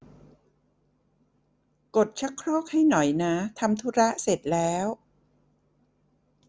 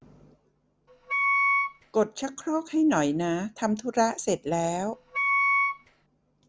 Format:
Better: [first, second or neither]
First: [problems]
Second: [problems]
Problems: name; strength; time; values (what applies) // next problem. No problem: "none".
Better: first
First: none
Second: background sound (Wind instrument, woodwind instrument); 3 dB above the speech